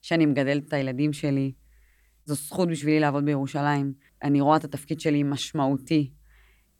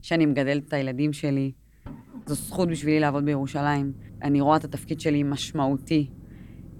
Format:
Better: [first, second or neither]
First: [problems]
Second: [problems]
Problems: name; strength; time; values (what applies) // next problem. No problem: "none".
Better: first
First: none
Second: low rumble; faint; throughout; 25 dB below the speech